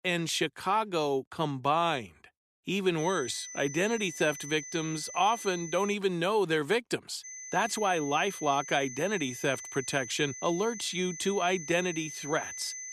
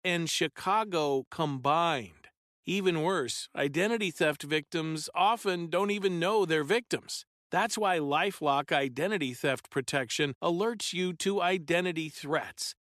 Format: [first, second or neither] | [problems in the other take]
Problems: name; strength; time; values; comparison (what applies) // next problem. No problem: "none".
second | high-pitched whine; noticeable; from 3 to 6 s and from 7 s on; 6 kHz, 10 dB below the speech